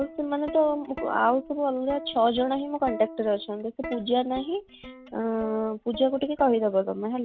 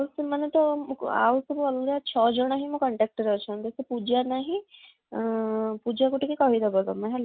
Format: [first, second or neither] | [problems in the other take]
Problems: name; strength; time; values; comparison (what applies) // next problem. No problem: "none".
second | background sound (Plucked string instrument); 15 dB below the speech